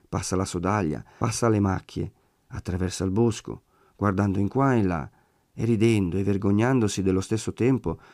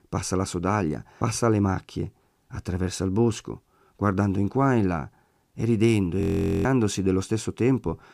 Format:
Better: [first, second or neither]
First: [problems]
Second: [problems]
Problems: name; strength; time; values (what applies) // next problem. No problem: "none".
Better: first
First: none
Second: audio freezing; at 6 s